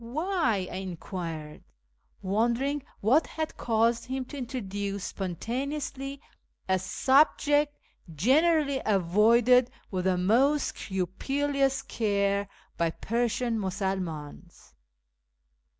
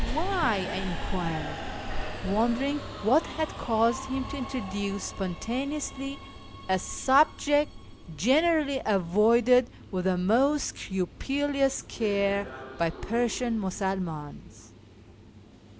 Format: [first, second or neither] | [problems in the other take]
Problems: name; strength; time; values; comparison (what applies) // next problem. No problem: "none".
first | background sound (Subway, metro, underground); 9 dB below the speech